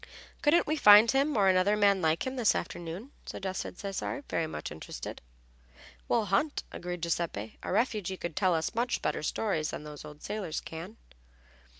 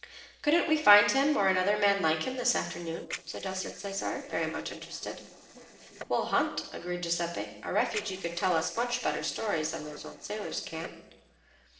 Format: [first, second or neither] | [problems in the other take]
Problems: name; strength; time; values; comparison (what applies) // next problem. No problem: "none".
first | noise reduction (neural separator model SepFormer DNS4)